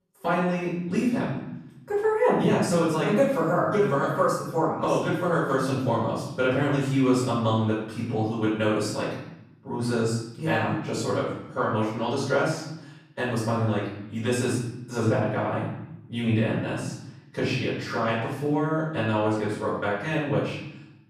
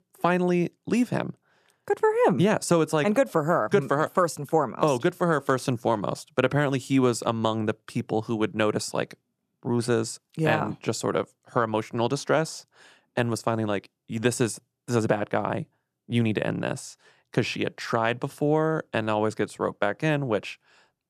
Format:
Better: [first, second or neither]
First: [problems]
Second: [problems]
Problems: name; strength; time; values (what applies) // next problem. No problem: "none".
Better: second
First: off-mic speech; far // room echo; noticeable; dies away in 0.8 s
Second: none